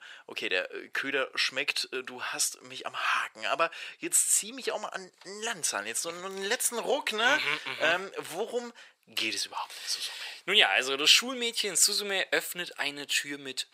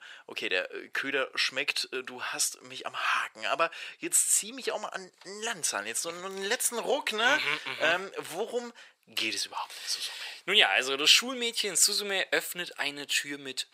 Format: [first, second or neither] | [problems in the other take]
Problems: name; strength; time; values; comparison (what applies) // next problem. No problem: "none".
neither | thin; very; fading below 750 Hz; the same in both